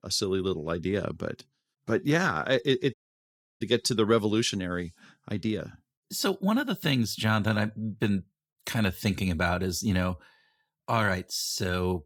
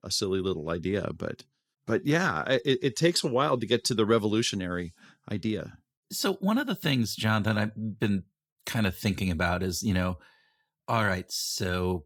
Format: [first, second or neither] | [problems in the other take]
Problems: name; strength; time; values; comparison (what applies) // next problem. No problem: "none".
second | audio cutting out; at 3 s for 0.5 s